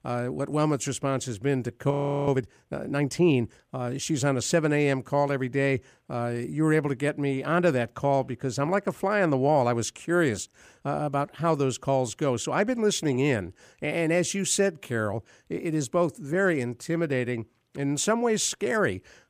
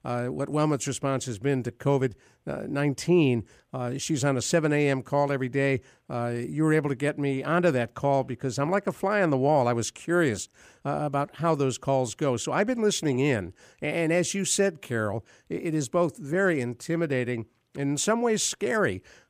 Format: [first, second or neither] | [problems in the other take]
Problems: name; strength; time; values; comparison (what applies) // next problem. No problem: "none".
second | audio freezing; at 2 s